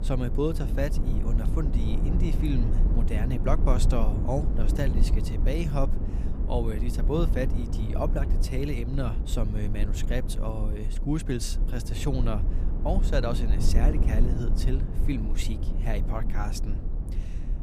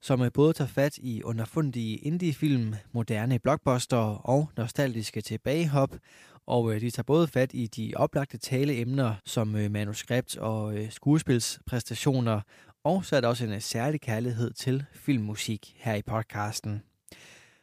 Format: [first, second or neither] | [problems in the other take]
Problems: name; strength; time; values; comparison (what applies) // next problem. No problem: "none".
second | low rumble; loud; throughout; 7 dB below the speech